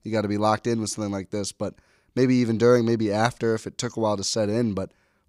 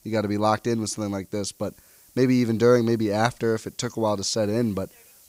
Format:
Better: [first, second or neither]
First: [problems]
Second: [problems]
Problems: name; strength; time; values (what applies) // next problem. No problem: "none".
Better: first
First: none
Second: hiss; faint; throughout; 30 dB below the speech